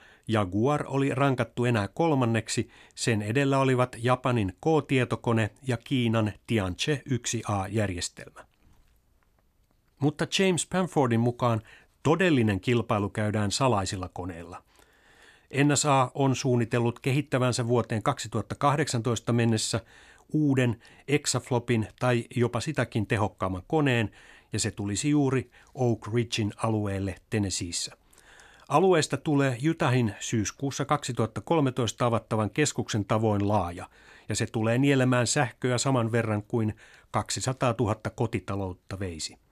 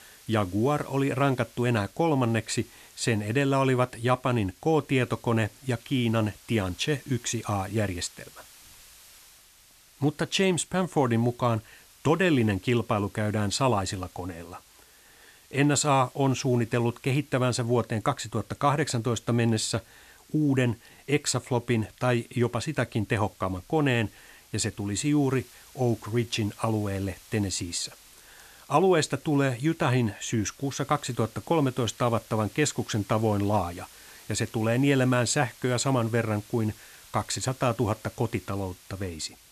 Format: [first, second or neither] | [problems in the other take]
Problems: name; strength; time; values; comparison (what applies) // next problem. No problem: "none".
first | hiss; faint; throughout; 25 dB below the speech